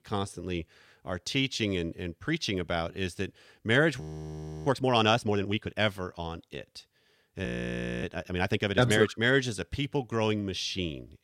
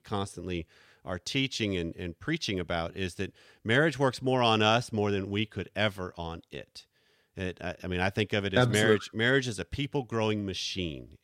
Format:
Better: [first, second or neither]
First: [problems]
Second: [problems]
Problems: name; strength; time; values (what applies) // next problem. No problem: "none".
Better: second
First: audio freezing; at 4 s for 0.5 s and at 7.5 s for 0.5 s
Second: none